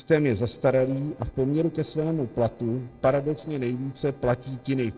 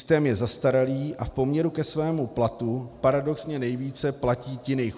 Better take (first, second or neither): second